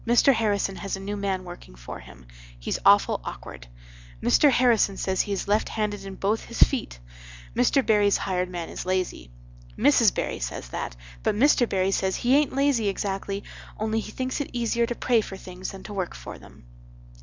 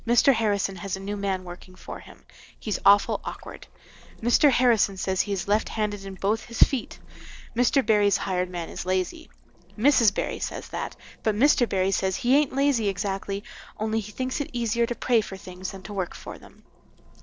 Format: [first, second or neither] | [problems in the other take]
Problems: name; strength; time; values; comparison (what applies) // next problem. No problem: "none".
first | noise reduction (neural separator model SepFormer DNS4)